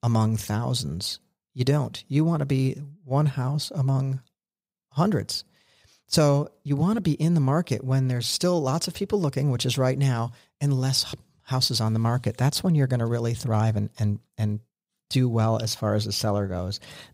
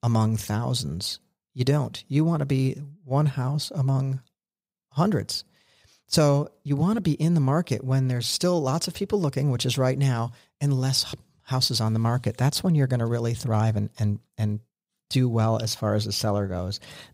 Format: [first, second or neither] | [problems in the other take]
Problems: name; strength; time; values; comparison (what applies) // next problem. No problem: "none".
neither | none